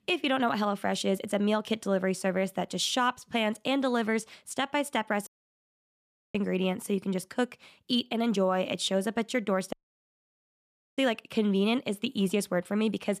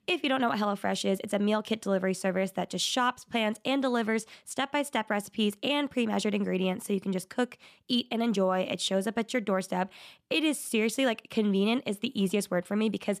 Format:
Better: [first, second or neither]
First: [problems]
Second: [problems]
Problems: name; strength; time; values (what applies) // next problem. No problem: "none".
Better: second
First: audio cutting out; at 5.5 s for 1 s and at 9.5 s for 1.5 s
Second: none